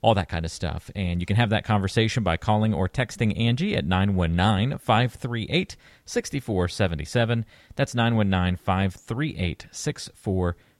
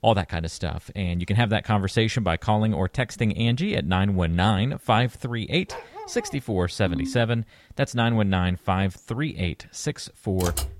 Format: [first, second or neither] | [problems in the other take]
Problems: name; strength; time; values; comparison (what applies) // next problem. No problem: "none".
first | dog barking; faint; at 5.5 s; peak 15 dB below the speech // phone ringing; noticeable; at 7 s; peak 6 dB below the speech // keyboard typing; very faint; at 10 s; peak 5 dB below the speech